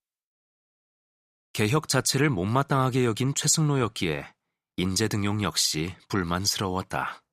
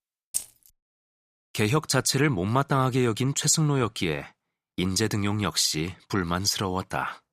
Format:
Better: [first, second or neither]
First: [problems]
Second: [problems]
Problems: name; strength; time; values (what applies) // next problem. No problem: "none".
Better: first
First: none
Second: jangling keys; noticeable; at 0.5 s; peak 6 dB below the speech